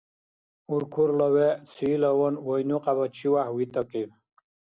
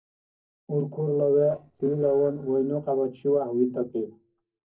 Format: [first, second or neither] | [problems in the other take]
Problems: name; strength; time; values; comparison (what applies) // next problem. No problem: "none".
first | noise reduction (neural separator model SepFormer DNS4)